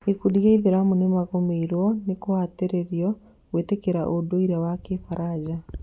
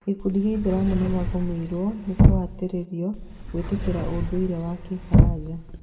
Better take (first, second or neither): first